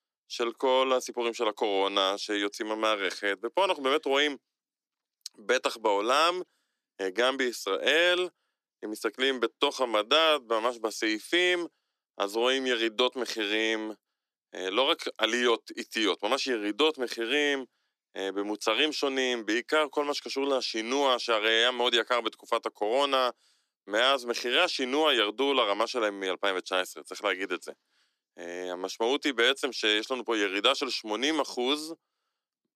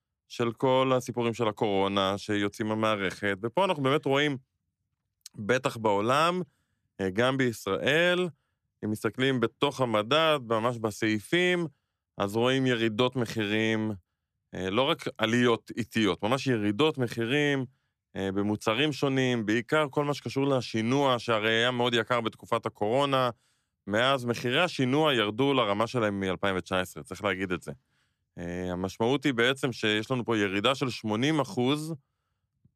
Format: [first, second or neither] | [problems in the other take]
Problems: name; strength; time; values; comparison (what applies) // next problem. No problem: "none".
second | thin; somewhat; fading below 300 Hz